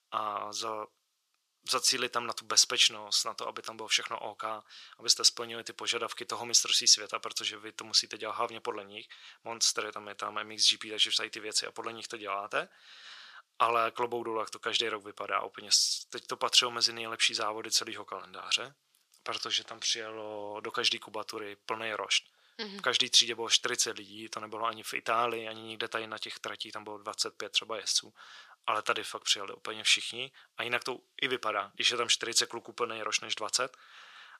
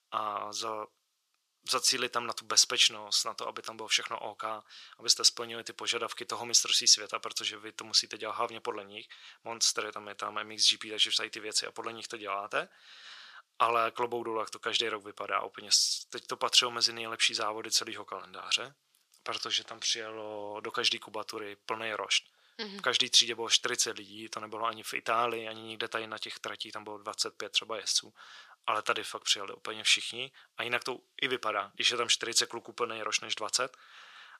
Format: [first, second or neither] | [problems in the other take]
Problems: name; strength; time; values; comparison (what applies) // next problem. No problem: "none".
neither | thin; very; fading below 650 Hz; the same in both